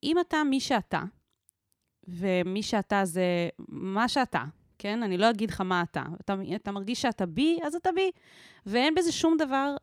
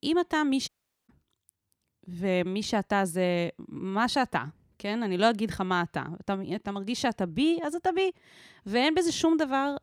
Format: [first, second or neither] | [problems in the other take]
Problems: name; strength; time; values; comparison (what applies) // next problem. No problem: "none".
first | audio cutting out; at 0.5 s